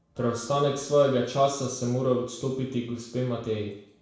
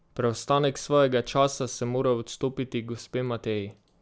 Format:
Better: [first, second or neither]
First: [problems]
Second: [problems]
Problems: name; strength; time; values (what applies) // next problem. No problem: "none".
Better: second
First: background sound (Wind instrument, woodwind instrument); 20 dB below the speech // room echo; dies away in 0.6 s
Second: none